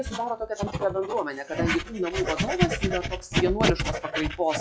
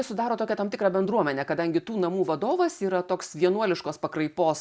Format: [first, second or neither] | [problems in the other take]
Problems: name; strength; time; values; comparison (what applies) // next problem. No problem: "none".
second | noise reduction (classical method log-MMSE)